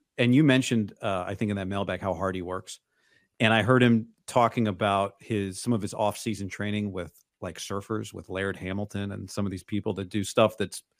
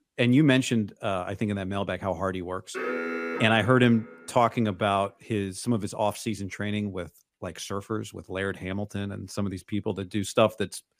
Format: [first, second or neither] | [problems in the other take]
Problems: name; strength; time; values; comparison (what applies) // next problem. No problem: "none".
first | alarm; noticeable; from 2.5 to 4 s; peak 3 dB below the speech